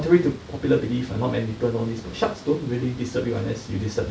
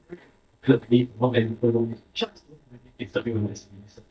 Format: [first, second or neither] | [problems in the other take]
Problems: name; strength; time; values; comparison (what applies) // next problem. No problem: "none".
first | noise reduction (neural mask model DeepFilterNet 3)